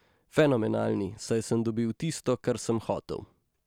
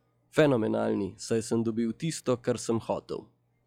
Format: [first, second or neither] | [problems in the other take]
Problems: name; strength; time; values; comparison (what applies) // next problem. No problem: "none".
first | noise reduction (classical method log-MMSE)